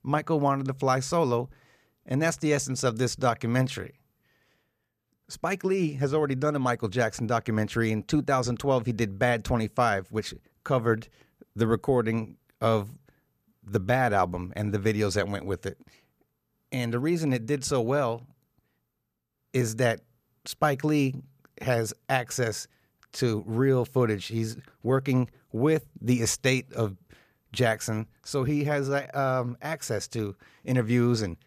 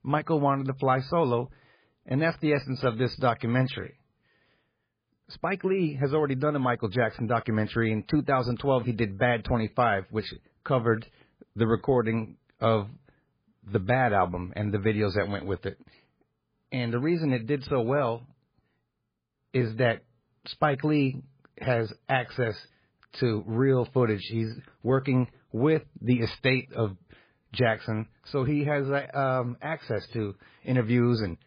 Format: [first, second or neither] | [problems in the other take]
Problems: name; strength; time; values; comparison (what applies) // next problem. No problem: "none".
first | garbled, watery; badly; nothing above 5 kHz